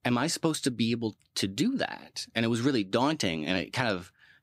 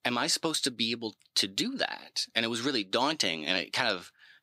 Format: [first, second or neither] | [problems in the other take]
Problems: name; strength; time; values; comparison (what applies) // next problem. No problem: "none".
first | thin; very slightly; fading below 1 kHz